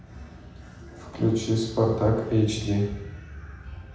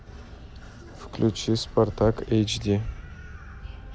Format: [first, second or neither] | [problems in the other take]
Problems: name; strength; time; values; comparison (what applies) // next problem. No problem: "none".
second | room echo; dies away in 0.9 s